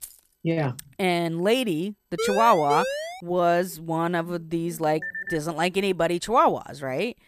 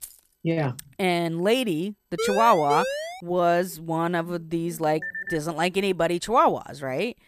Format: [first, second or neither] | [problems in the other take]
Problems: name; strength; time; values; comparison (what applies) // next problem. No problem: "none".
neither | jangling keys; faint; at the start; peak 15 dB below the speech; the same in both // siren; noticeable; from 2 to 3 s; peak 3 dB below the speech; the same in both // phone ringing; noticeable; at 5 s; peak 7 dB below the speech; the same in both